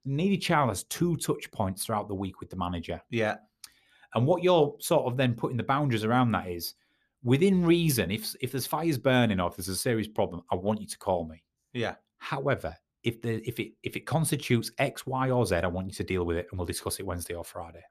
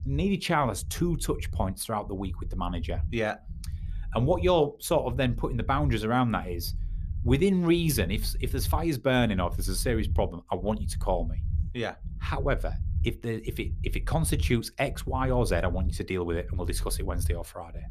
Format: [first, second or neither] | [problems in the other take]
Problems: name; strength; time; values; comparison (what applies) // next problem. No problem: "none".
first | low rumble; faint; throughout; 20 dB below the speech